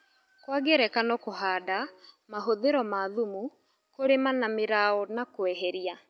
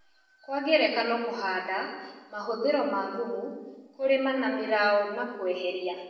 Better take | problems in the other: first | room echo; dies away in 1 s

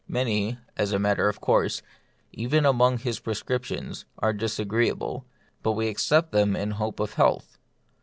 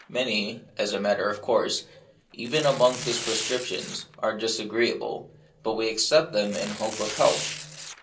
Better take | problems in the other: first | background sound (Tearing); 12 dB below the speech // room echo; dies away in 0.3 s

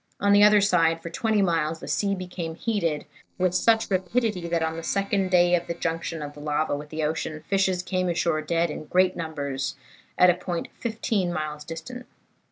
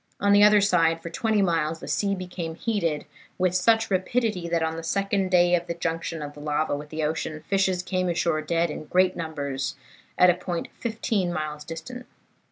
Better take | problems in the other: second | noise reduction (neural separator model SepFormer DNS4)

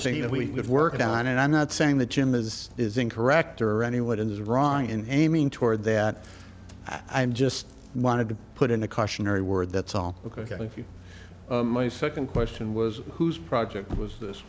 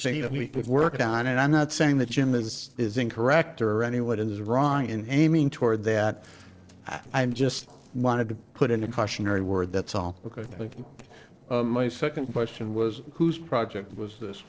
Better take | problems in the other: first | noise reduction (neural separator model SepFormer DNS4)

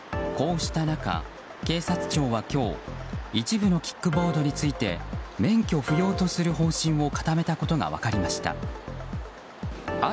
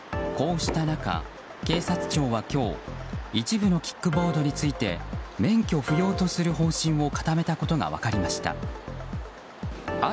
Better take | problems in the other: first | background sound (Knock); 12 dB below the speech

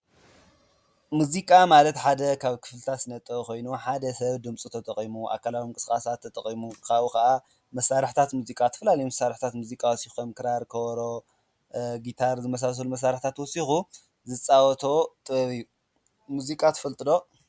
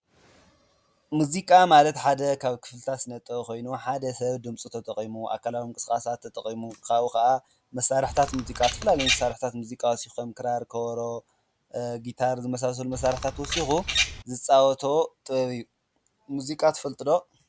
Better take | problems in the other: first | background sound (Bird vocalization, bird call, bird song); 4 dB below the speech

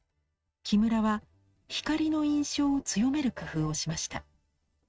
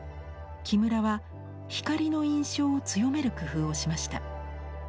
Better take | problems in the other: second | noise reduction (neural mask model RNNoise)

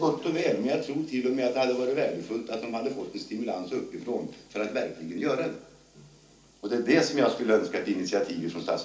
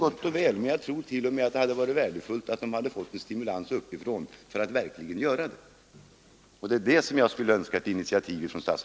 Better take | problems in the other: second | room echo; dies away in 0.4 s

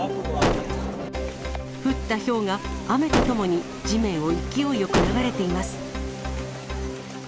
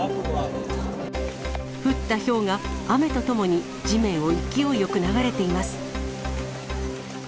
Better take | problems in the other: second | background sound (Gunshot, gunfire); 2 dB below the speech

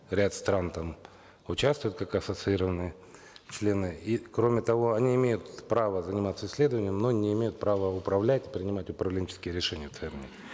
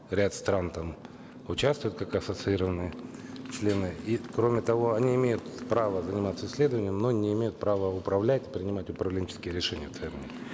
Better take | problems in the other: first | background sound (Motorcycle); 14 dB below the speech

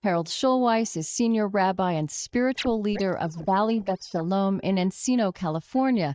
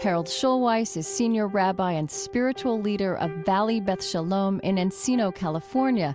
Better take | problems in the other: second | noise reduction (neural mask model DeepFilterNet 3)

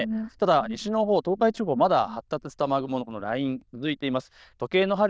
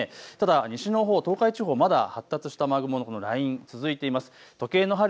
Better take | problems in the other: second | noise reduction (neural diffusion model UNIVERSE++)

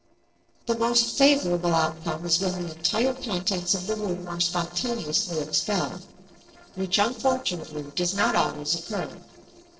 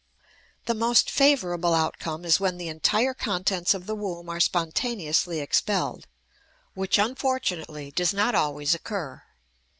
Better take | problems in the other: second | noise reduction (neural separator model SepFormer DNS4)

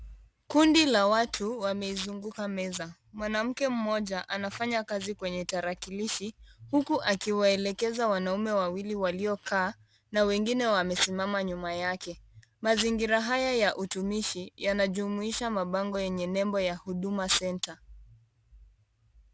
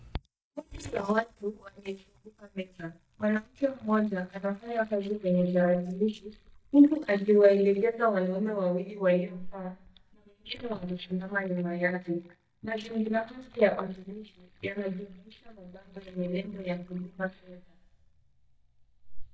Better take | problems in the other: first | noise reduction (neural mask model DeepFilterNet 3)

